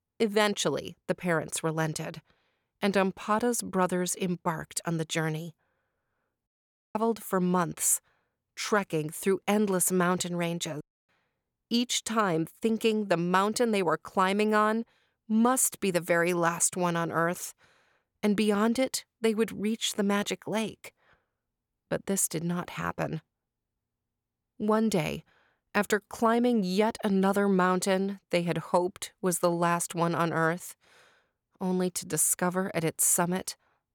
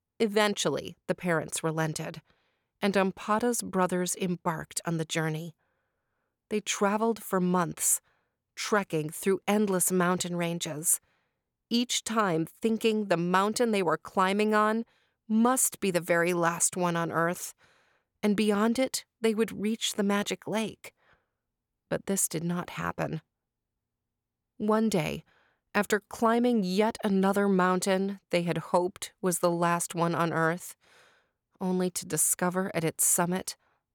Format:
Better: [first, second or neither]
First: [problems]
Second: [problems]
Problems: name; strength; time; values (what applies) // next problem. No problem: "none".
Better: second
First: audio cutting out; at 6.5 s and at 11 s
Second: none